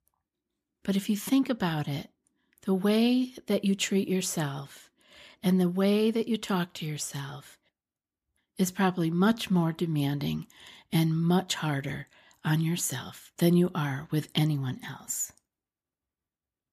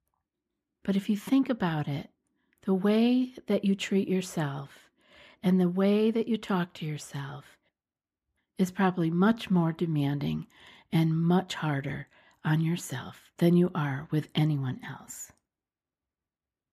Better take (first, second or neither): first